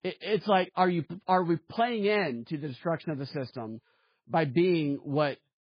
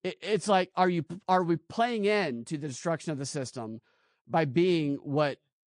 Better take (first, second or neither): second